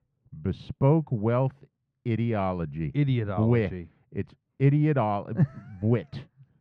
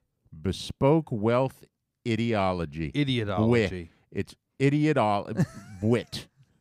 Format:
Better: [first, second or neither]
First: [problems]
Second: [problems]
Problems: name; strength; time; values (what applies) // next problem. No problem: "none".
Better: second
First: muffled; slightly; fading above 2 kHz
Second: none